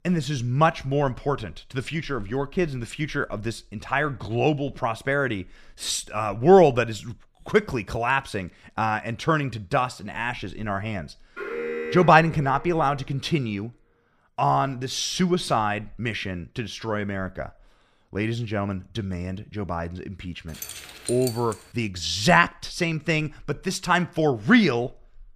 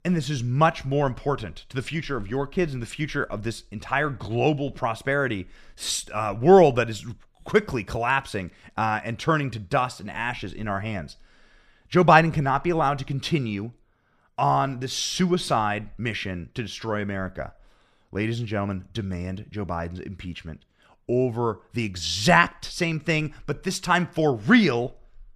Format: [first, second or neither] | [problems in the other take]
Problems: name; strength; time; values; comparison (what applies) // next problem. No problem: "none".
second | alarm; noticeable; from 11 to 13 s; peak 5 dB below the speech // jangling keys; noticeable; from 21 to 22 s; peak 9 dB below the speech